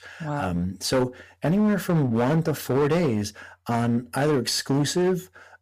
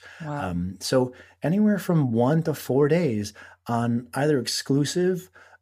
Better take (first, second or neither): second